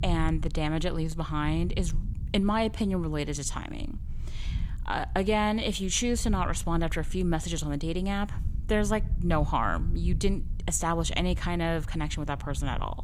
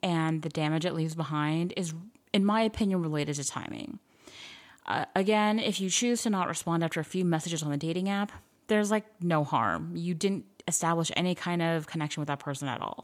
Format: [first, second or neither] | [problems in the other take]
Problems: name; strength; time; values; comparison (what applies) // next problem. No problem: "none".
second | low rumble; faint; throughout; 20 dB below the speech